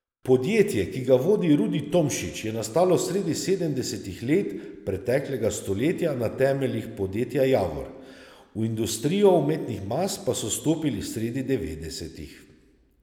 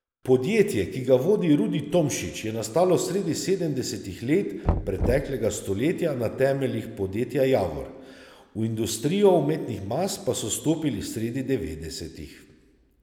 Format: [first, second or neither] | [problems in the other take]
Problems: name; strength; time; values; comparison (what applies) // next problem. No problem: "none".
first | background sound (Knock); 7 dB below the speech